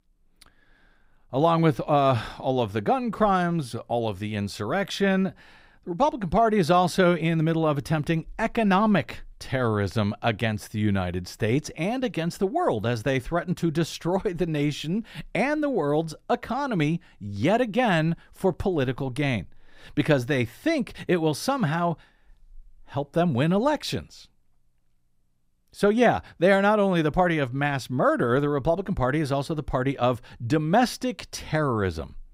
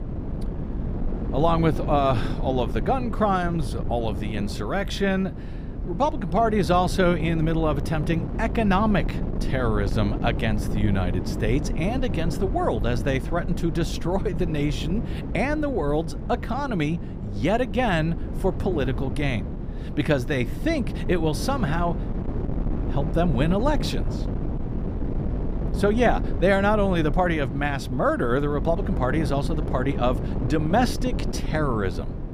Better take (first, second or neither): first